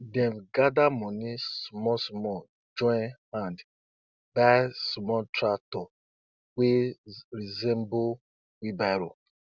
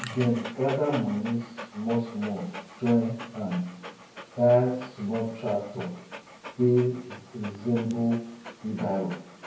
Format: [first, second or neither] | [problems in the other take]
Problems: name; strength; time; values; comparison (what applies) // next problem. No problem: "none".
first | background sound (Dog); 15 dB below the speech // room echo; dies away in 0.9 s